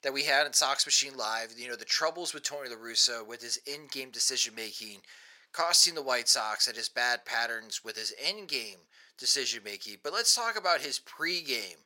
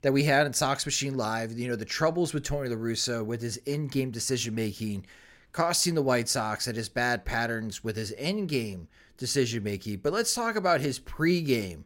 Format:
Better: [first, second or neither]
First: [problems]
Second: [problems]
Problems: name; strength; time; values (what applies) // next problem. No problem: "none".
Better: second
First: thin; very; fading below 700 Hz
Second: none